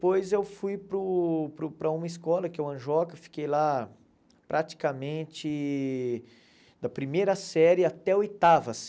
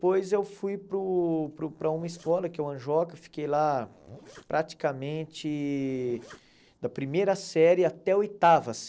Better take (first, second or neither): first